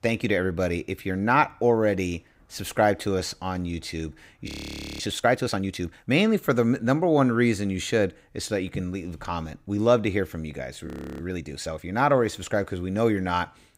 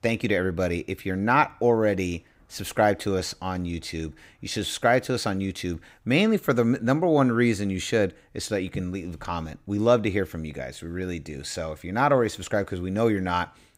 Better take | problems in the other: second | audio freezing; at 4.5 s for 0.5 s and at 11 s

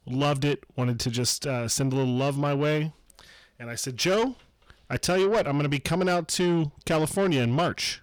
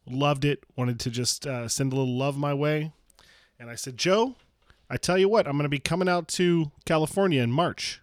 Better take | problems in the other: second | distortion; slight; 10 dB below the speech

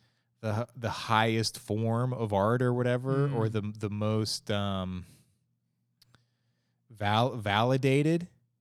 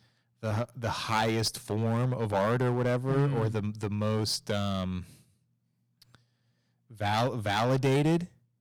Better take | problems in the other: first | distortion; heavy; 7% of the sound clipped

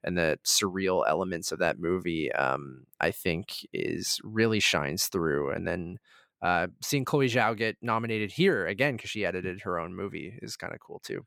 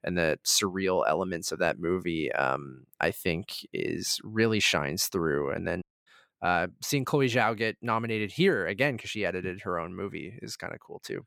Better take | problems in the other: first | audio cutting out; at 6 s

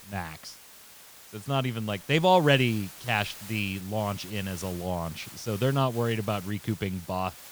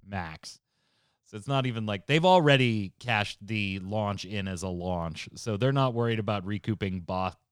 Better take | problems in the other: second | hiss; noticeable; throughout; 15 dB below the speech

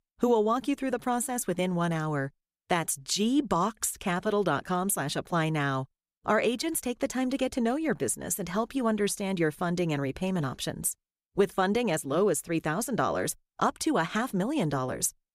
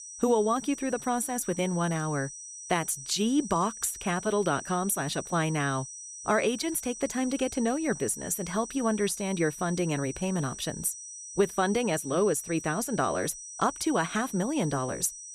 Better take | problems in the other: first | high-pitched whine; noticeable; throughout; 6 kHz, 10 dB below the speech

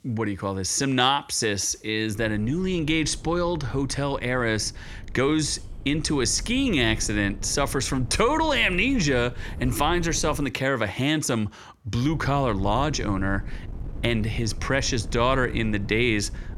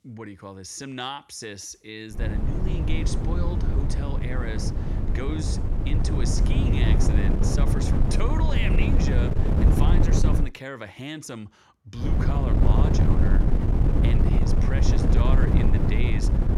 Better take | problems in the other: first | wind noise on the microphone; heavy; from 2 to 10 s and from 12 s on; 2 dB above the speech; occasional gusts in the first

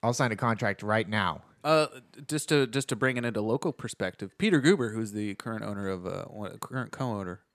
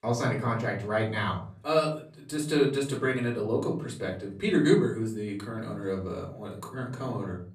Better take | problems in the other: first | off-mic speech; far // room echo; slight; dies away in 0.5 s

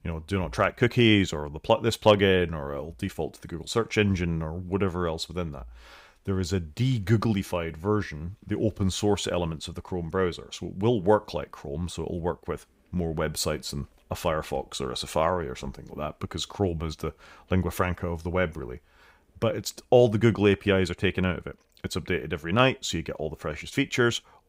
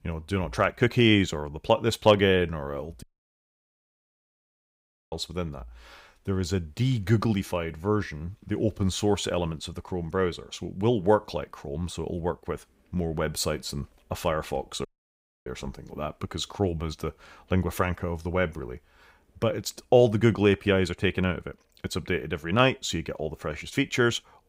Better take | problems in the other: first | audio cutting out; at 3 s for 2 s and at 15 s for 0.5 s

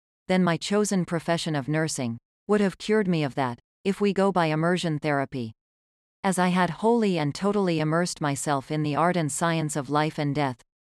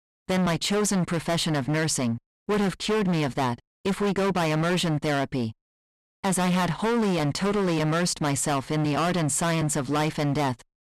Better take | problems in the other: first | distortion; heavy; 26% of the sound clipped

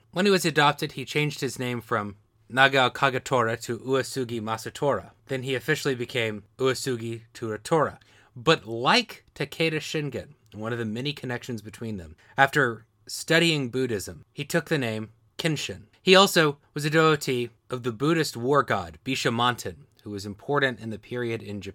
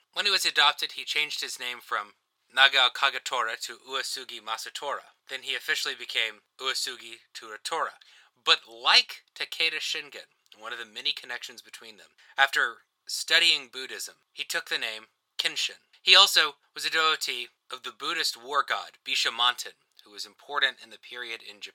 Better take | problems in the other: first | thin; very; fading below 950 Hz

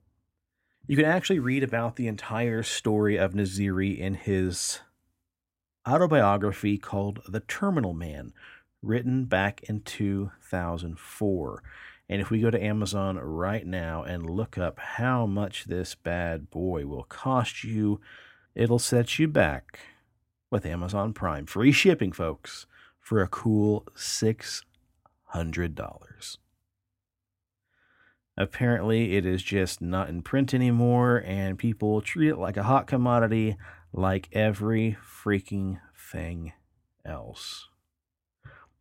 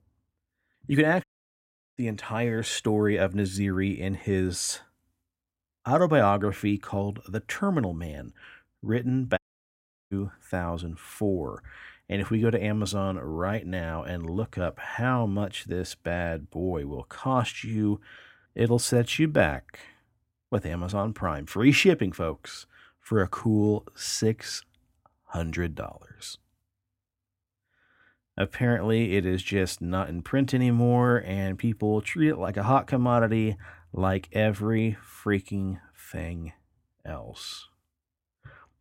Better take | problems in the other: first | audio cutting out; at 1 s for 0.5 s and at 9.5 s for 0.5 s

